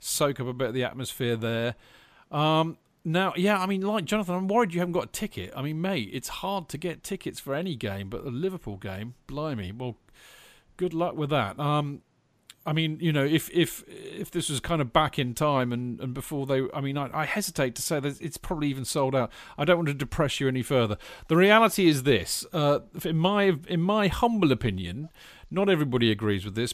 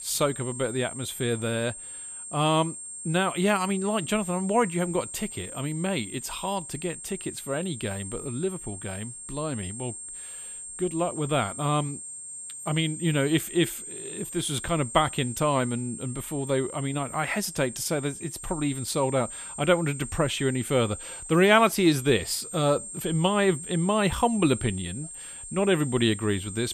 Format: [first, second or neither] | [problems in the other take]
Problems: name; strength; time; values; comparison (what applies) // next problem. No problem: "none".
first | high-pitched whine; loud; throughout; 8.5 kHz, 10 dB below the speech